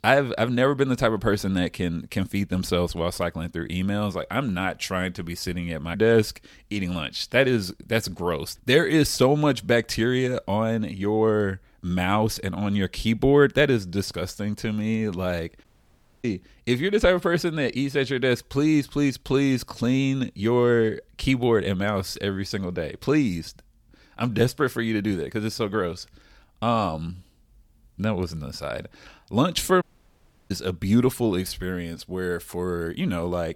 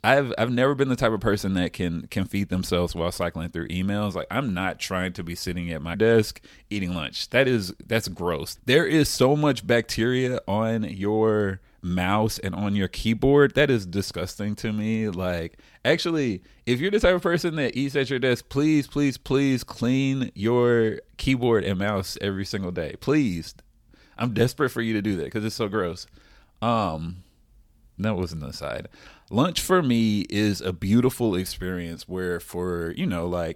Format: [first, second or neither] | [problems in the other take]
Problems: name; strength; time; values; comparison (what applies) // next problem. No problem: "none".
second | audio cutting out; at 16 s for 0.5 s and at 30 s for 0.5 s